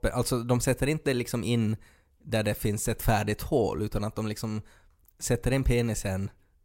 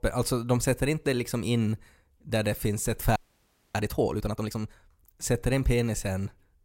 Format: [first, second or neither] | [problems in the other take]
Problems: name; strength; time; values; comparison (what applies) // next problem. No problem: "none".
first | audio freezing; at 3 s for 0.5 s